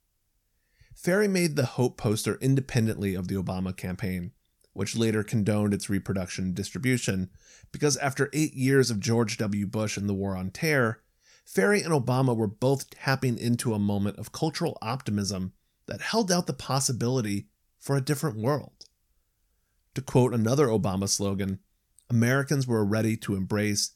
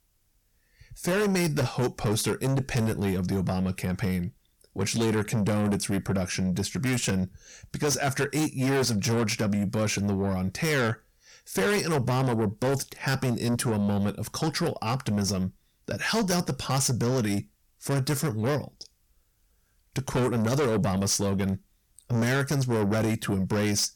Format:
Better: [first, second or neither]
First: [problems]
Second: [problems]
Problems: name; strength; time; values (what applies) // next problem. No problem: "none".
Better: first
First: none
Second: distortion; heavy; 7 dB below the speech